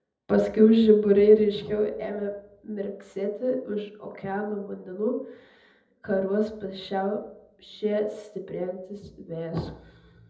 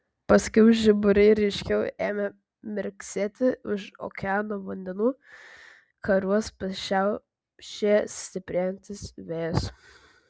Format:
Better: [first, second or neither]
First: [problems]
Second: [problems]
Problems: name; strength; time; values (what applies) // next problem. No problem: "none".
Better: second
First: room echo; dies away in 0.8 s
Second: none